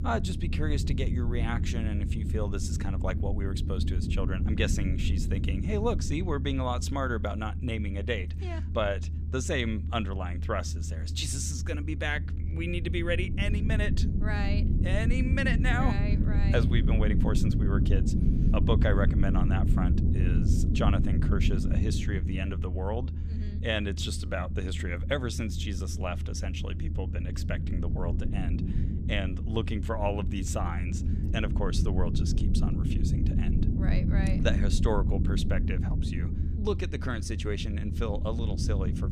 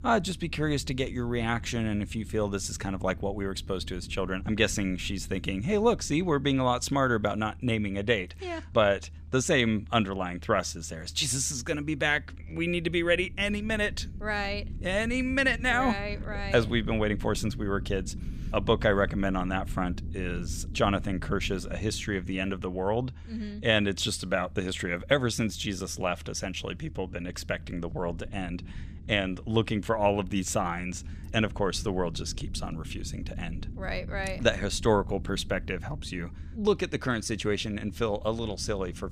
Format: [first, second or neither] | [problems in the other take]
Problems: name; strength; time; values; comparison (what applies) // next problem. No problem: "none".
second | low rumble; loud; throughout; 7 dB below the speech; faint in the second